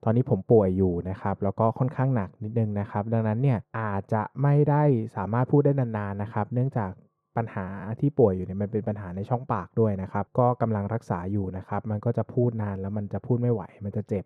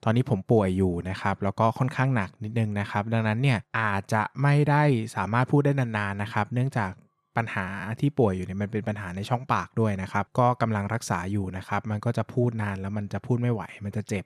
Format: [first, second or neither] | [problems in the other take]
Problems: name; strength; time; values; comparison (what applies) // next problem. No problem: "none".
second | muffled; very; fading above 1.5 kHz